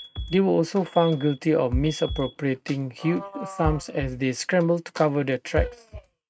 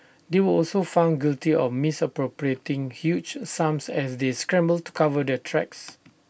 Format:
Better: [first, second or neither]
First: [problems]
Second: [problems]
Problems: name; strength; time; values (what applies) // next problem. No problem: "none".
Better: second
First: noise reduction (neural mask model RNNoise)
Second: none